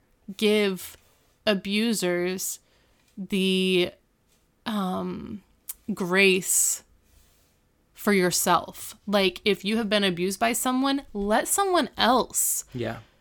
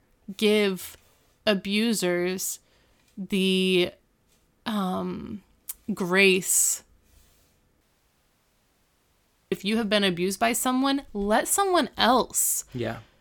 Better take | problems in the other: first | audio cutting out; at 8 s for 1.5 s

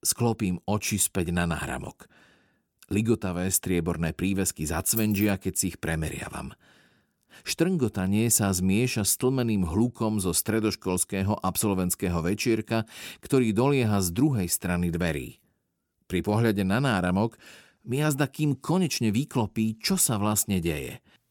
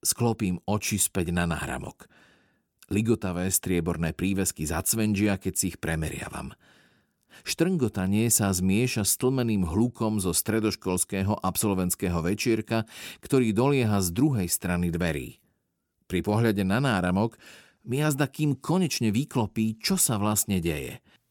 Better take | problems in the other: second | jangling keys; noticeable; at 5 s; peak 7 dB below the speech

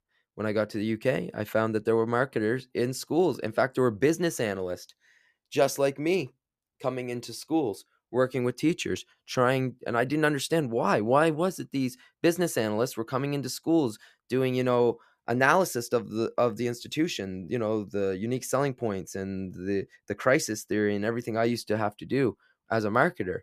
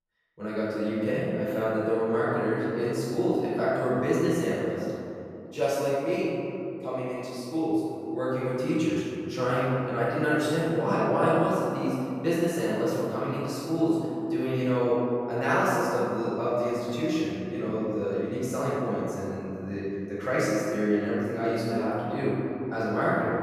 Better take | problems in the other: first | off-mic speech; far // room echo; strong; dies away in 2.7 s

